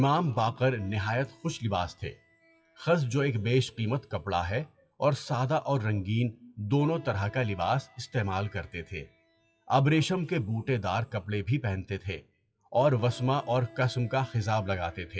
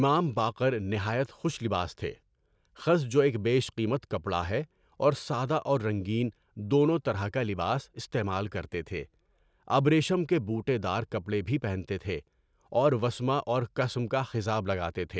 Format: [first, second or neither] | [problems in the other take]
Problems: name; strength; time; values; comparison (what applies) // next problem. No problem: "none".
second | noise reduction (classical method WPE with log-MMSE)